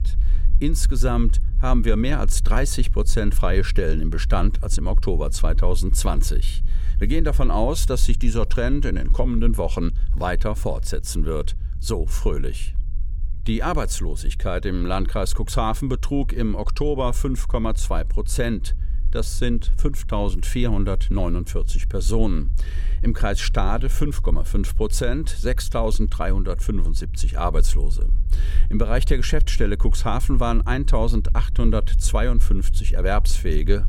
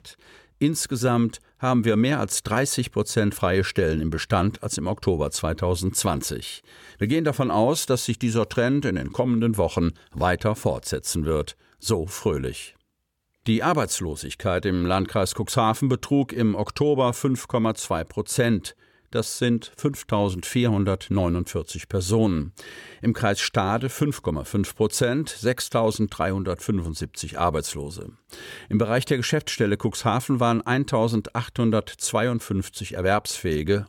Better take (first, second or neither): second